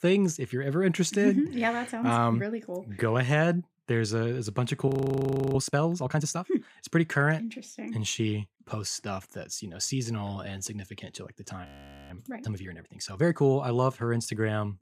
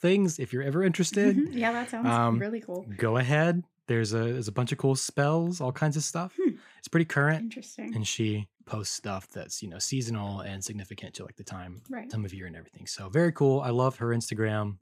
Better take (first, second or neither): second